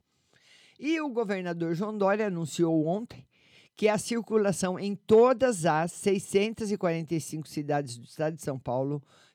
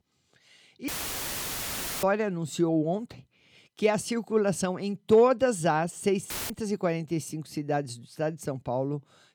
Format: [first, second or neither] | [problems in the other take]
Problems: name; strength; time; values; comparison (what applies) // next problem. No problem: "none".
first | audio cutting out; filled with static; at 1 s for 1 s and at 6.5 s